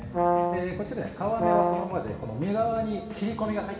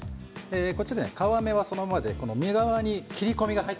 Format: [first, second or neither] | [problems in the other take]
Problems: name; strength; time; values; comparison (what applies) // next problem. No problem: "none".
second | background sound (Brass instrument); 2 dB above the speech // room echo; dies away in 2.1 s